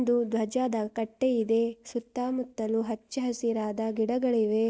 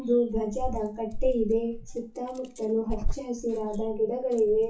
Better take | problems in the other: first | noise reduction (classical method WPE with log-MMSE)

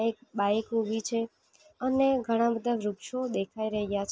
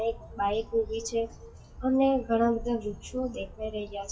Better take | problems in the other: first | noise reduction (classical method WPE with log-MMSE)

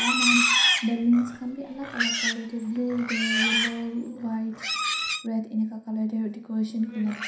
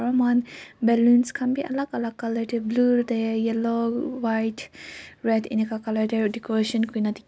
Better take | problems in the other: second | background sound (Livestock, farm animals, working animals); as loud as the speech // room echo; dies away in 0.5 s

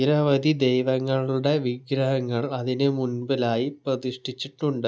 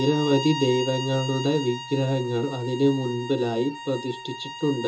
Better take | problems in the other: first | background sound (Bowed string instrument); 11 dB below the speech // room echo; dies away in 0.2 s

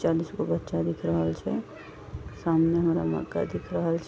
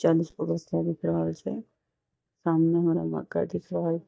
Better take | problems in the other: first | noise reduction (neural mask model DeepFilterNet 3)

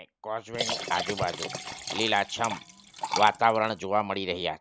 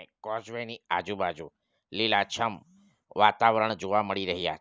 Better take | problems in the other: second | background sound (Liquid); 7 dB below the speech

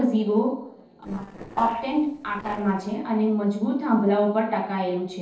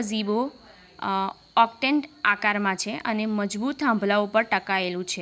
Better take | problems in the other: second | noise reduction (neural separator model SepFormer DNS4)

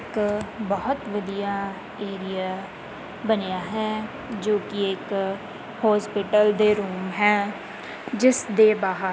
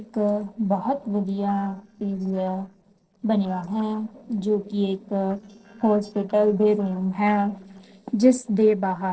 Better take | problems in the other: first | noise reduction (neural separator model SepFormer DNS4)

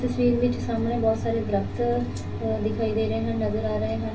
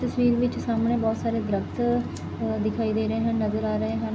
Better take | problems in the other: second | room echo; dies away in 0.2 s

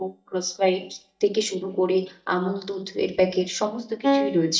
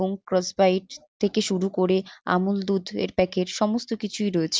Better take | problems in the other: second | noise reduction (neural mask model DeepFilterNet 3)

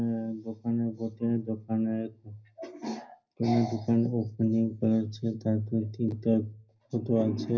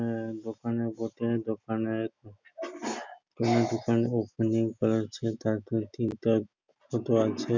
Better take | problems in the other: second | room echo; dies away in 0.5 s

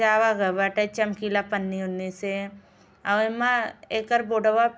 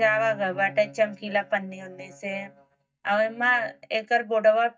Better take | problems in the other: first | noise reduction (neural mask model DeepFilterNet 3)

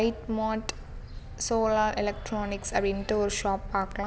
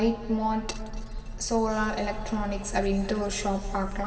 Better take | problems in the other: first | room echo; dies away in 2.6 s

